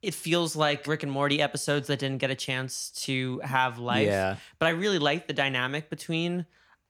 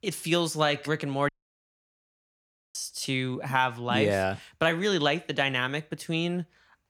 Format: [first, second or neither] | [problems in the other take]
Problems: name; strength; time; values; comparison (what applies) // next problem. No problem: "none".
first | audio cutting out; at 1.5 s for 1.5 s